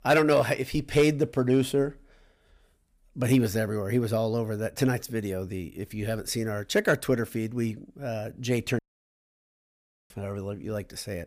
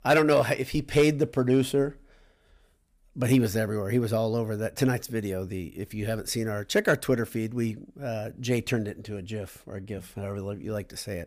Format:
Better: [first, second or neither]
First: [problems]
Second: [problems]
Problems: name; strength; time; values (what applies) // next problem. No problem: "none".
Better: second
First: audio cutting out; at 9 s for 1.5 s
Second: none